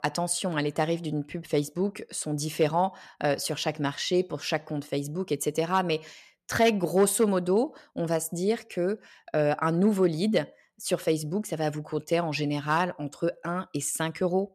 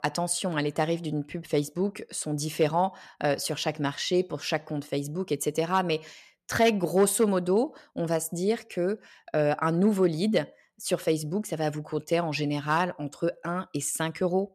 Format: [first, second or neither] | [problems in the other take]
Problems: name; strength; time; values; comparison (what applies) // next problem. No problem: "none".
neither | none